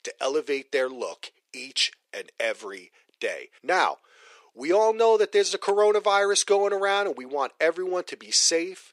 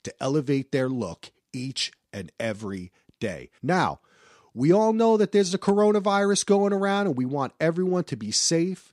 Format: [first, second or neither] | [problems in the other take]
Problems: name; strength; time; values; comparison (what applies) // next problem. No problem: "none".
second | thin; very; fading below 450 Hz